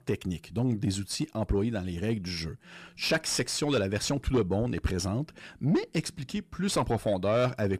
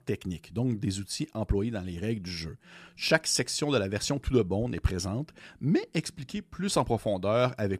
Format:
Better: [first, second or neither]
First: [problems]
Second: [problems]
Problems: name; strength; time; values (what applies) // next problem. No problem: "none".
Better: second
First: distortion; slight; 10 dB below the speech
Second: none